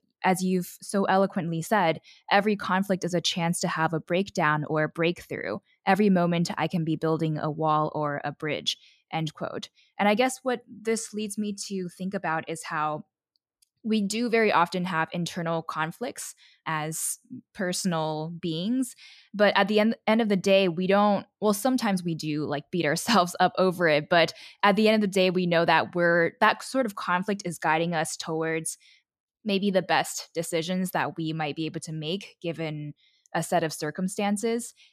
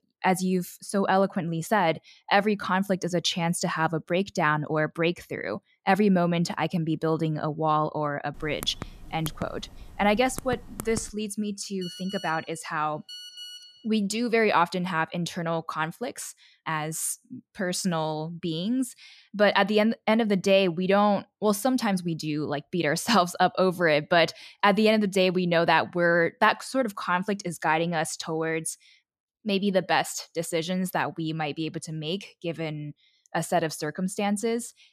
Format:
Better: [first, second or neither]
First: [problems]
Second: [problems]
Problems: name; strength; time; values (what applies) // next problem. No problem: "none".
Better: first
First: none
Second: keyboard typing; faint; from 8.5 to 11 s; peak 15 dB below the speech // phone ringing; faint; from 12 to 14 s; peak 15 dB below the speech